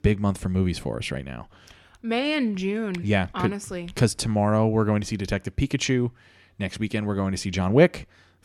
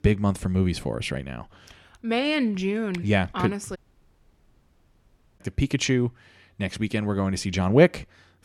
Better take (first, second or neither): first